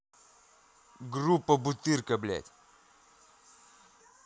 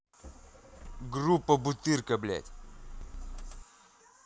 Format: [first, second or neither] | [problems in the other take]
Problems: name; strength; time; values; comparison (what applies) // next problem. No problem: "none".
first | background sound (Motor vehicle (road)); 12 dB below the speech